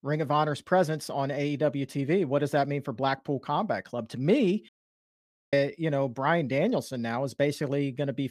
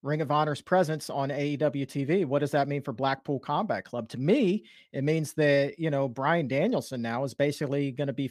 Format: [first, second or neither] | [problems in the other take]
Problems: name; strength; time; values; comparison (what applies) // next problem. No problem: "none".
second | audio cutting out; at 4.5 s for 1 s